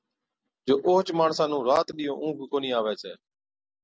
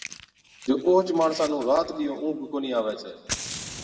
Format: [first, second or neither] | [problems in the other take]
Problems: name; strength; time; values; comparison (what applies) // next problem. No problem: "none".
first | background sound (Fire); 14 dB below the speech // room echo; dies away in 1.3 s